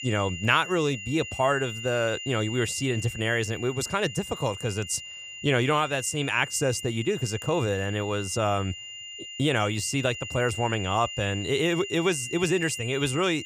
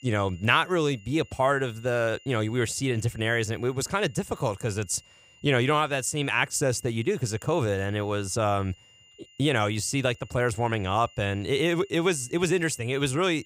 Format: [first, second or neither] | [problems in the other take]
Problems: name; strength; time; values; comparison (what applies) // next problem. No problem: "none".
second | high-pitched whine; loud; throughout; 3 kHz, 9 dB below the speech; faint in the second